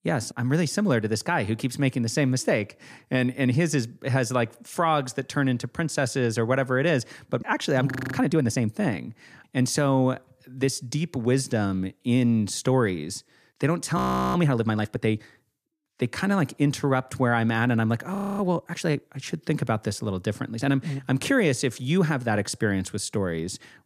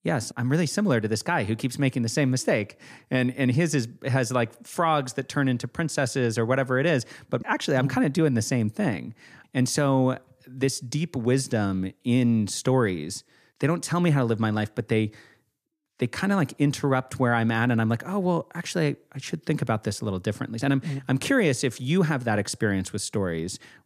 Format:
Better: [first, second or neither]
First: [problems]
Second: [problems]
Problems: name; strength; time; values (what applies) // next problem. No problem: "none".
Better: second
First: audio freezing; at 8 s, at 14 s and at 18 s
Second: none